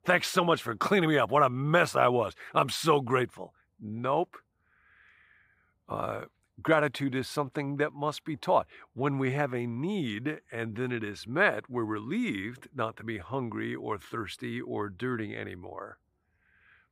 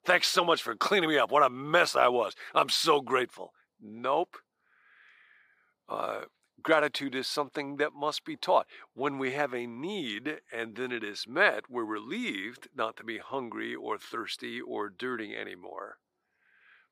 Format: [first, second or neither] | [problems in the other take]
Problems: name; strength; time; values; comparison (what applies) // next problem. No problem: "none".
first | thin; somewhat; fading below 300 Hz